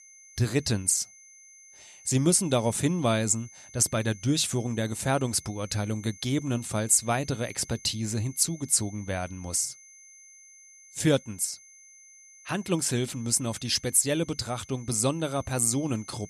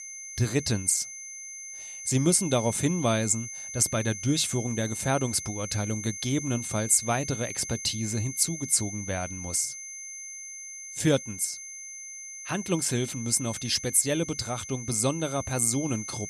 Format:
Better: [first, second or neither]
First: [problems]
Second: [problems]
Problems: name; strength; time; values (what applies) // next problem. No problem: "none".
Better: first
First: high-pitched whine; faint; throughout; 6.5 kHz, 20 dB below the speech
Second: high-pitched whine; loud; throughout; 6.5 kHz, 9 dB below the speech